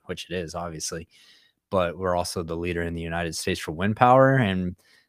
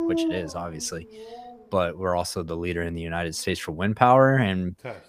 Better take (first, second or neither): first